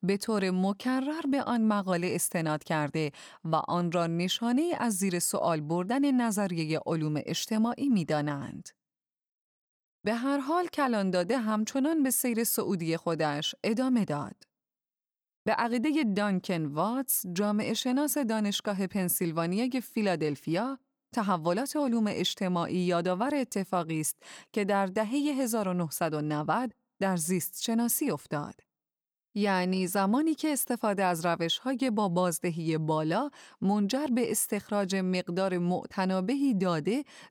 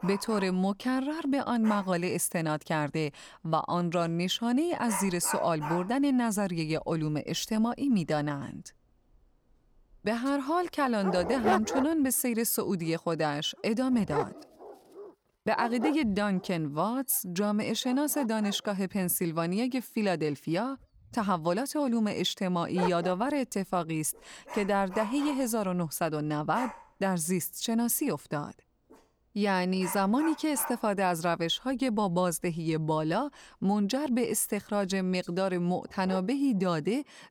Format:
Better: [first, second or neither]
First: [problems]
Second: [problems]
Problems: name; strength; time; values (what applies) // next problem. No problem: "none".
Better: first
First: none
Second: animal sounds; loud; throughout; 9 dB below the speech